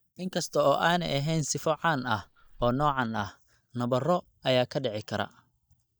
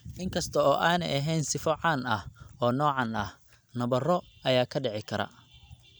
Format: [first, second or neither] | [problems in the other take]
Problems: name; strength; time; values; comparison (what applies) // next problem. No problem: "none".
second | noise reduction (neural mask model DeepFilterNet 3)